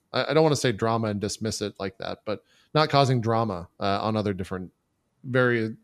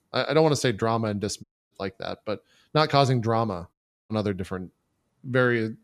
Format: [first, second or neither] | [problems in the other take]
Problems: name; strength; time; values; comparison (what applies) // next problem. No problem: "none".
first | audio cutting out; at 1.5 s and at 3.5 s